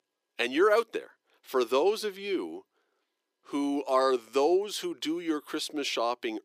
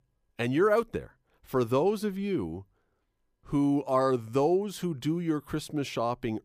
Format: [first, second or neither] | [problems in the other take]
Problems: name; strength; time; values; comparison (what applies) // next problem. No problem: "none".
second | thin; very slightly; fading below 350 Hz